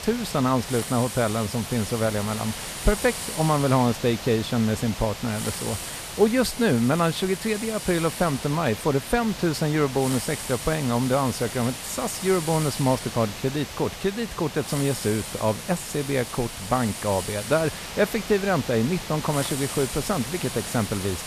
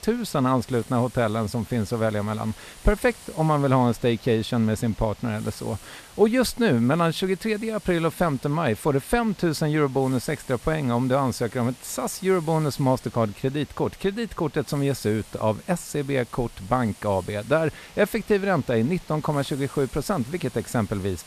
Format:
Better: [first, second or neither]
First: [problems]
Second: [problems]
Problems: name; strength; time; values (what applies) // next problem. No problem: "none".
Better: second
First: hiss; loud; throughout; 8 dB below the speech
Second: hiss; faint; throughout; 20 dB below the speech